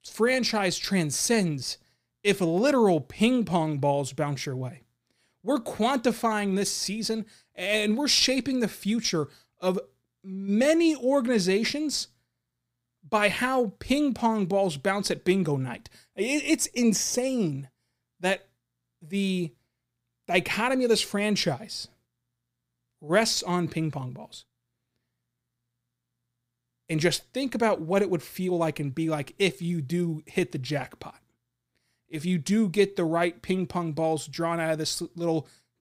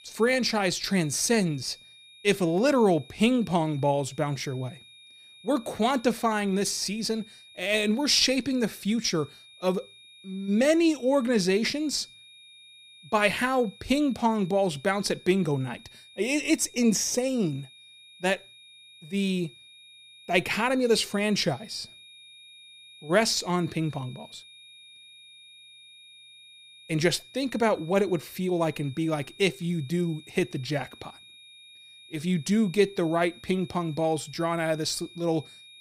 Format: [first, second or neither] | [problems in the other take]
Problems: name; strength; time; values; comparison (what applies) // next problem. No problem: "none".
first | high-pitched whine; faint; throughout; 3.5 kHz, 20 dB below the speech